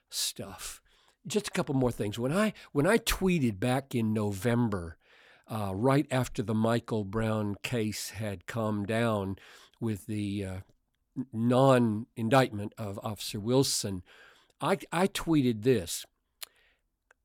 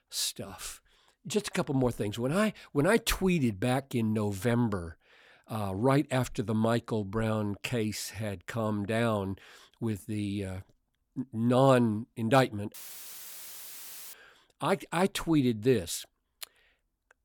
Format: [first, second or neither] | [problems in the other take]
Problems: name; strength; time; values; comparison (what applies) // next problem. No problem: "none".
first | audio cutting out; filled with static; at 13 s for 1.5 s